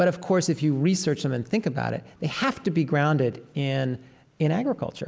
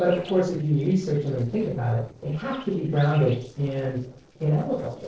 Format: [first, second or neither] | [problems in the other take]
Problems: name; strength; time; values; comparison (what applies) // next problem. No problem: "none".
first | noise reduction (neural separator model SepFormer DNS4)